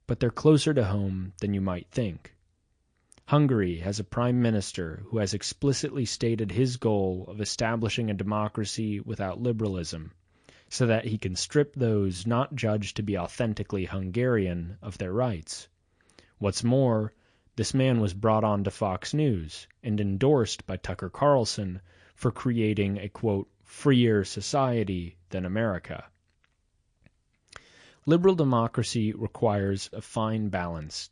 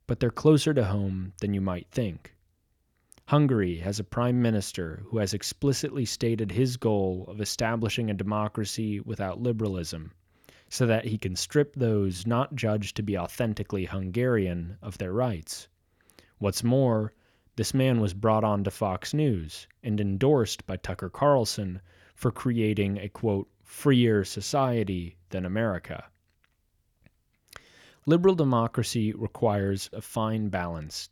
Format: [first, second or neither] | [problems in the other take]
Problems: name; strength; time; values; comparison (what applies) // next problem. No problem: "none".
second | garbled, watery; slightly; nothing above 10 kHz